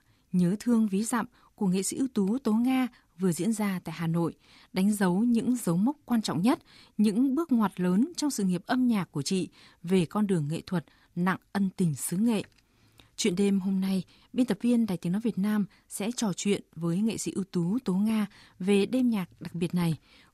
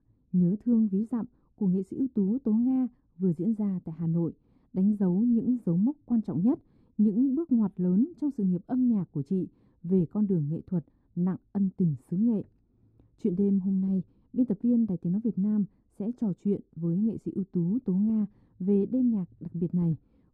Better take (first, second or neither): first